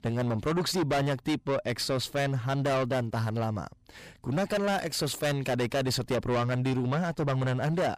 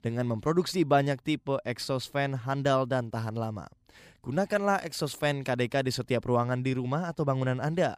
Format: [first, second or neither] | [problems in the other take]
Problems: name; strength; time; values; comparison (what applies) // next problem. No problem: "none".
second | distortion; heavy; 5 dB below the speech